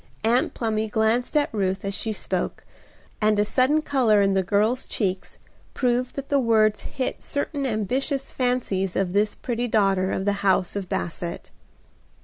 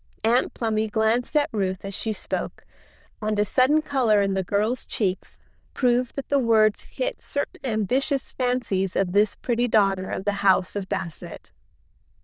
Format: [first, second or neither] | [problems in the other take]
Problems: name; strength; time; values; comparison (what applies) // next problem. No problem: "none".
first | noise reduction (neural diffusion model UNIVERSE++)